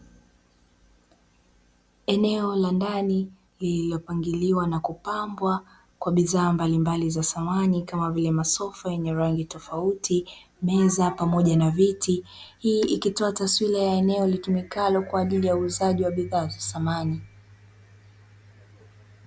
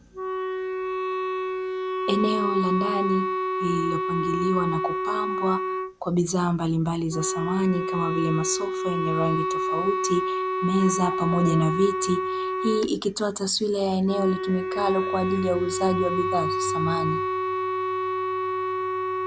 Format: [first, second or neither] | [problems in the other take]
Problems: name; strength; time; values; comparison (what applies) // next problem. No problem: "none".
first | background sound (Wind instrument, woodwind instrument); 1 dB below the speech